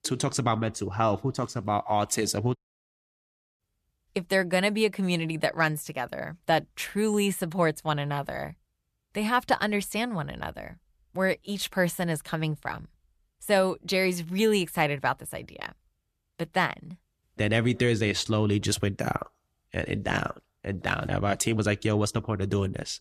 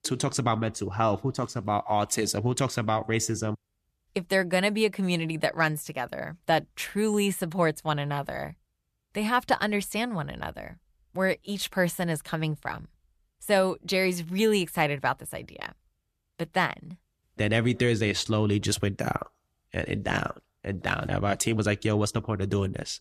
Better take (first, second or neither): second